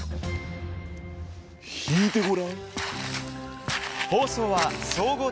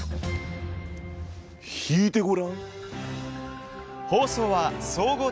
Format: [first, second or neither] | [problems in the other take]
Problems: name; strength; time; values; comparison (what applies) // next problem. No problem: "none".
second | background sound (Walk, footsteps); 6 dB below the speech